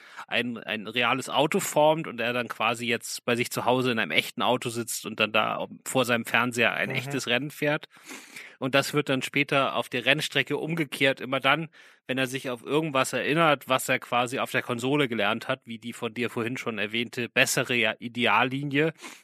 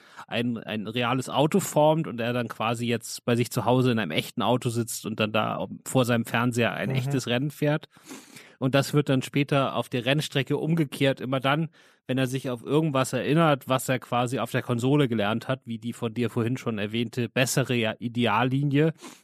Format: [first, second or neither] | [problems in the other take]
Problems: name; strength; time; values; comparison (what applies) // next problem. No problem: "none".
second | thin; very slightly; fading below 750 Hz